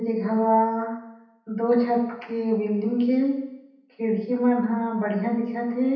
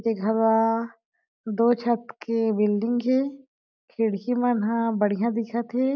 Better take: second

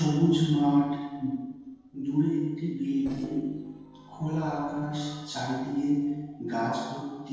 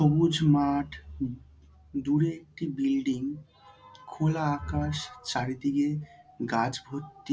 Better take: second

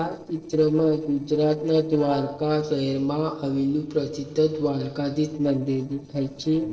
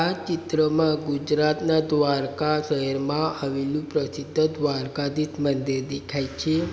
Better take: second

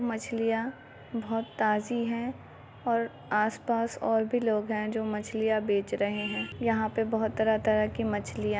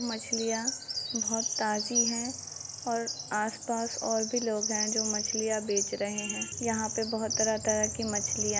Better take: first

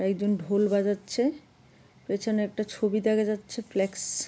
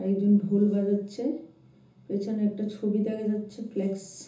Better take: first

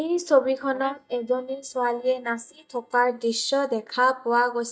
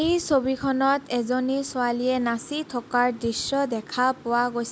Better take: second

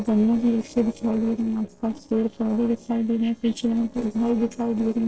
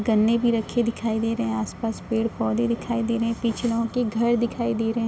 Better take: second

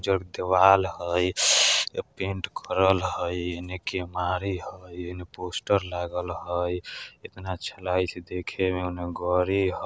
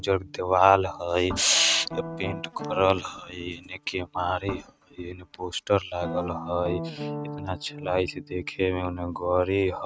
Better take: first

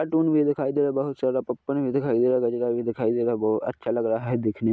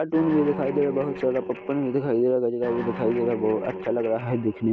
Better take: first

